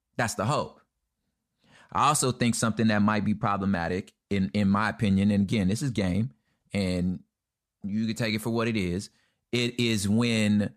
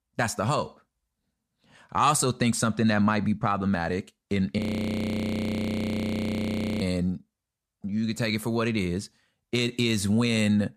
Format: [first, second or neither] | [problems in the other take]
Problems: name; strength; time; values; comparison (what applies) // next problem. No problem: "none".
first | audio freezing; at 4.5 s for 2 s